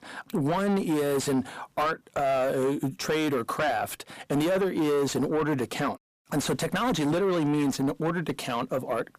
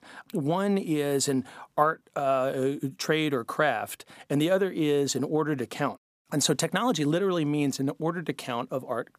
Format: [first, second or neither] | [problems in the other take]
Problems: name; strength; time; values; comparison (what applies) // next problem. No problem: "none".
second | distortion; heavy; 7 dB below the speech